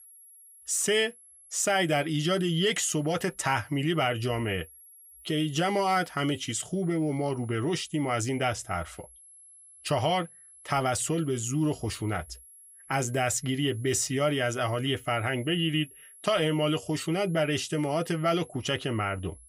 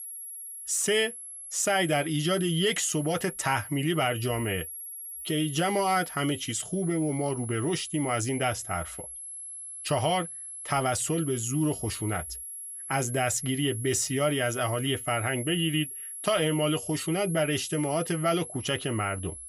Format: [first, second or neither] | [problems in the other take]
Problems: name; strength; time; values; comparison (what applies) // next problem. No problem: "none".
first | high-pitched whine; loud; throughout; 11 kHz, 9 dB below the speech; faint in the first